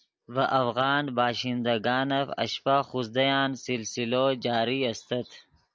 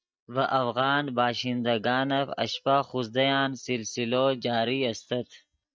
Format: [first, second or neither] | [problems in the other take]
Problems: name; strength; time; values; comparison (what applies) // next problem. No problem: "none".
first | noise reduction (neural mask model DeepFilterNet 3)